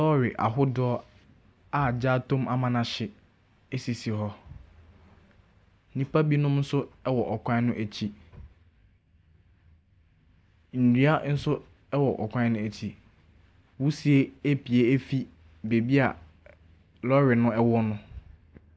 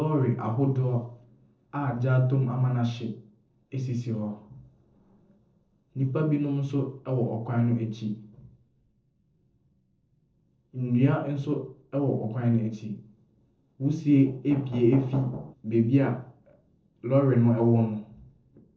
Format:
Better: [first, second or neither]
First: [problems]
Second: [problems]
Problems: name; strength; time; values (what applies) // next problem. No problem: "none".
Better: first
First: none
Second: noise reduction (neural separator model SepFormer DNS4)